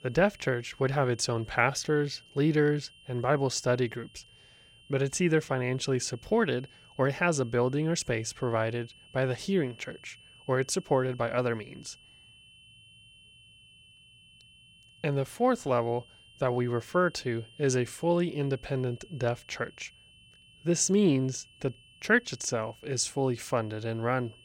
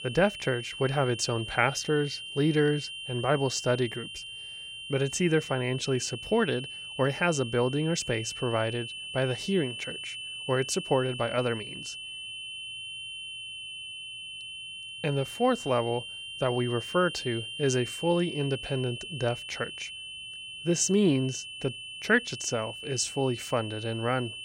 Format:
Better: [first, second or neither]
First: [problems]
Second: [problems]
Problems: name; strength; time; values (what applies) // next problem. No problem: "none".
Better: first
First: high-pitched whine; faint; throughout; 3 kHz, 25 dB below the speech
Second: high-pitched whine; loud; throughout; 3 kHz, 9 dB below the speech